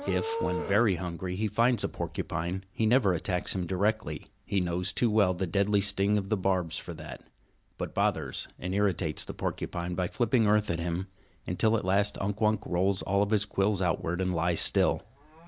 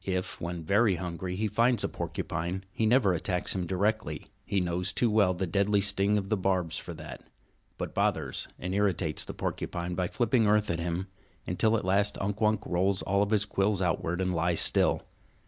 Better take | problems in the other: second | background sound (Livestock, farm animals, working animals); 17 dB below the speech

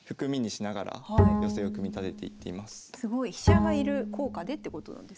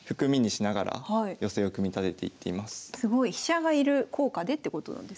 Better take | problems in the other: second | background sound (Bowed string instrument); 5 dB above the speech

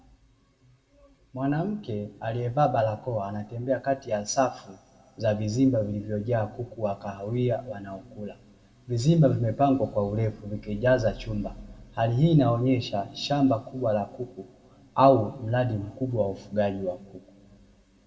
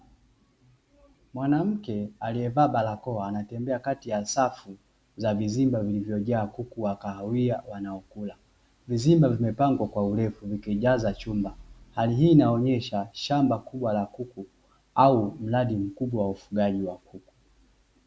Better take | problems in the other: second | room echo; dies away in 1.3 s

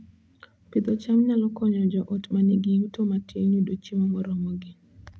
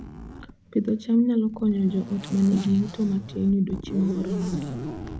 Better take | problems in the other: first | background sound (Zipper (clothing)); 11 dB below the speech

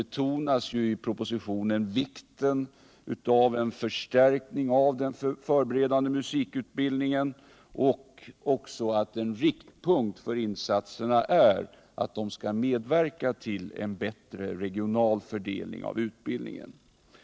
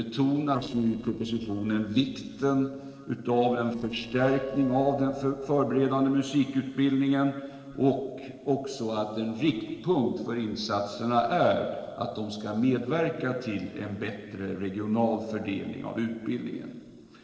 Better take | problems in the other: first | noise reduction (neural separator model SepFormer DNS4)

